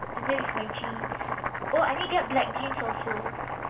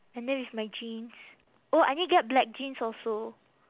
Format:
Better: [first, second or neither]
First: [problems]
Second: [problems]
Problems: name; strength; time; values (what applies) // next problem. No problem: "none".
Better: second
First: background sound (Boiling); 1 dB below the speech // room echo; dies away in 0.2 s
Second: none